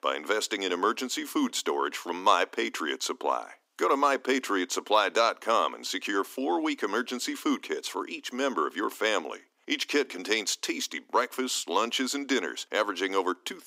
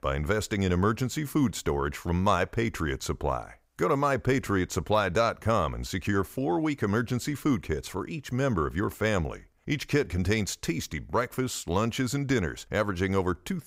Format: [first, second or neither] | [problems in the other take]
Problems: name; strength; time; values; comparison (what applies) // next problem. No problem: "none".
second | thin; somewhat; fading below 250 Hz